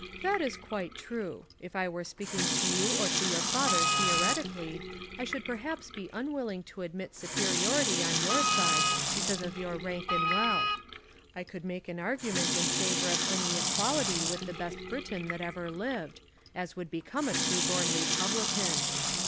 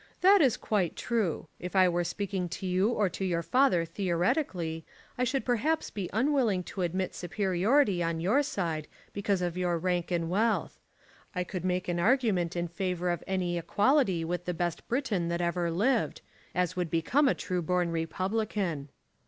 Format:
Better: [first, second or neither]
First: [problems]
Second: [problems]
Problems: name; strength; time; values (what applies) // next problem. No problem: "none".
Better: second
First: background sound (Sink (filling or washing) / Water tap, faucet + Wind instrument, woodwind instrument); 4 dB above the speech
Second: none